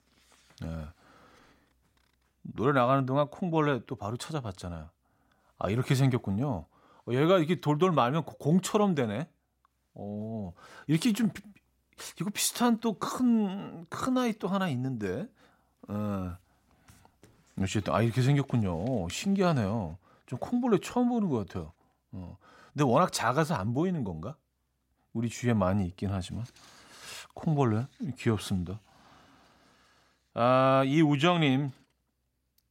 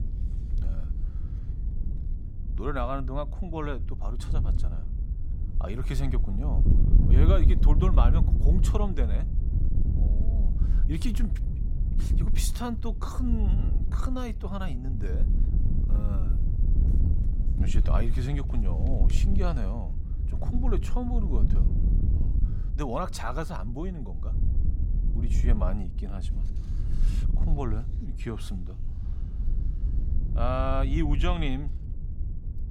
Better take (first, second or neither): first